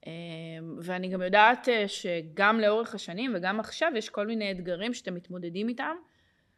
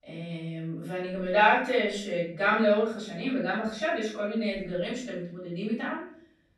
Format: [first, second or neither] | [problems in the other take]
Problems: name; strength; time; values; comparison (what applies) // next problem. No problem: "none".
first | room echo; noticeable; dies away in 0.5 s // off-mic speech; far